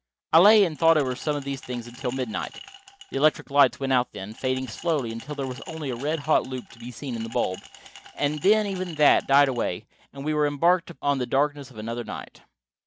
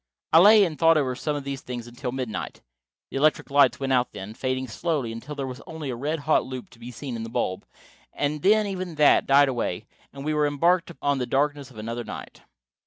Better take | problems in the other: second | background sound (Glass); 19 dB below the speech

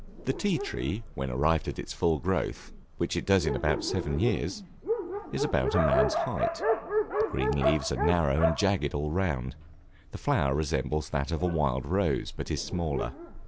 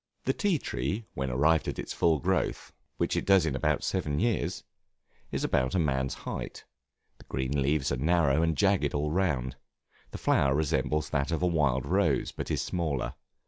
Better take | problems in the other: second | background sound (Dog); 4 dB below the speech

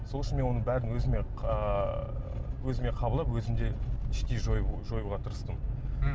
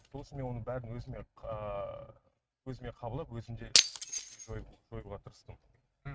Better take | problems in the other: first | noise reduction (neural mask model RNNoise)

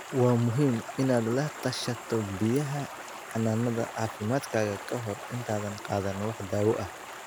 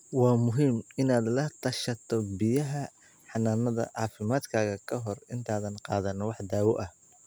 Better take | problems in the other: second | background sound (Stream); 12 dB below the speech

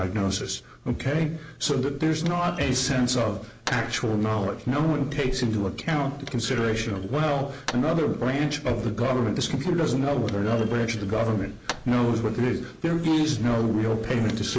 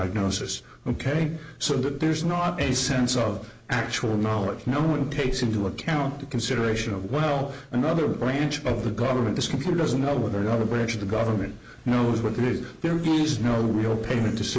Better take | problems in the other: second | background sound (Thump, thud); 19 dB below the speech

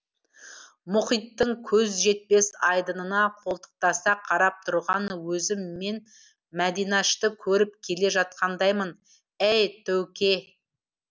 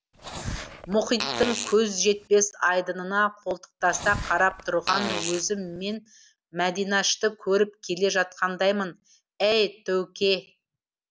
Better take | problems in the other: first | background sound (Fart); 8 dB below the speech

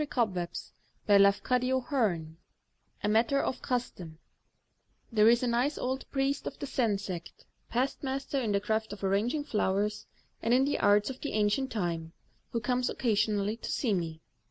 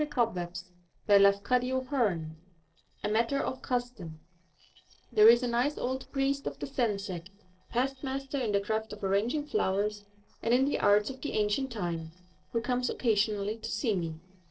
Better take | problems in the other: first | noise reduction (neural separator model SepFormer DNS4)

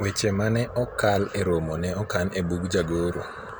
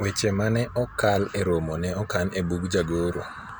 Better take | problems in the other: second | background sound (Frog); 18 dB below the speech

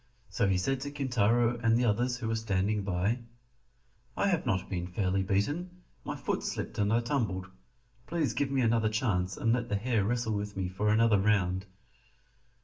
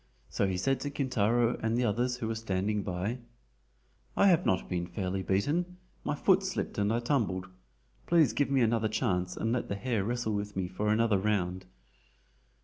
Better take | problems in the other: second | room echo; dies away in 0.2 s

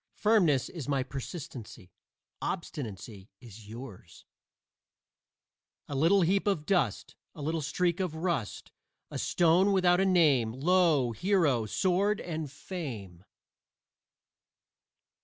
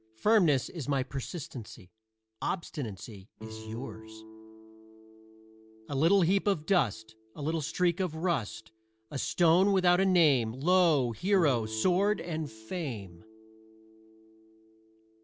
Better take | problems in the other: first | background sound (Guitar); 19 dB below the speech

